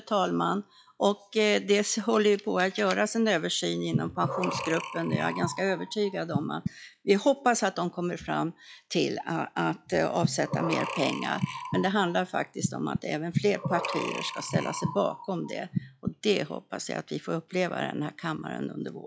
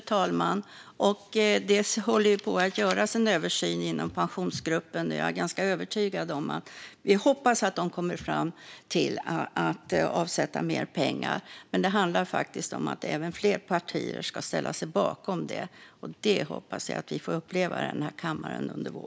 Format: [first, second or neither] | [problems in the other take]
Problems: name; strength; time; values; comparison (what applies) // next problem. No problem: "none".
second | noise reduction (classical method log-MMSE)